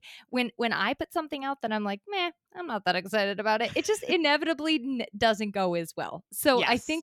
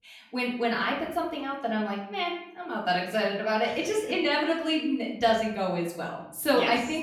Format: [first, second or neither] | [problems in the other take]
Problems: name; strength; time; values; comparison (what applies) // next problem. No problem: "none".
first | off-mic speech; far // room echo; noticeable; dies away in 0.6 s